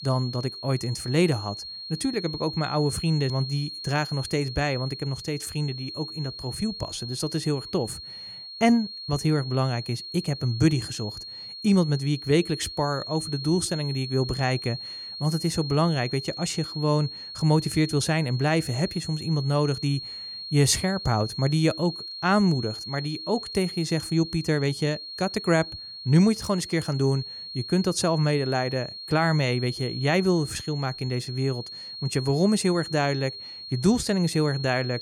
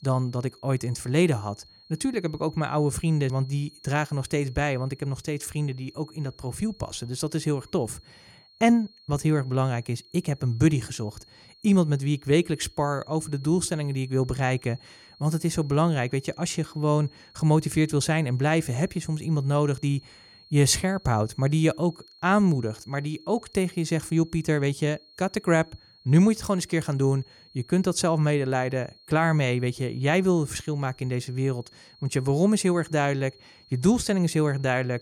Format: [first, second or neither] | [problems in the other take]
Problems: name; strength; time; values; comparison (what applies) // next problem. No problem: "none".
second | high-pitched whine; loud; throughout; 4.5 kHz, 9 dB below the speech; faint in the second